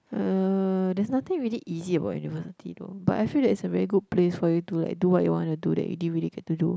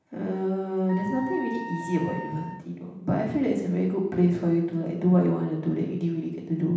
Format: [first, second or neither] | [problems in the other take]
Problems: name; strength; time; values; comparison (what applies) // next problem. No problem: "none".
first | background sound (Wind instrument, woodwind instrument); 11 dB below the speech // room echo; dies away in 0.9 s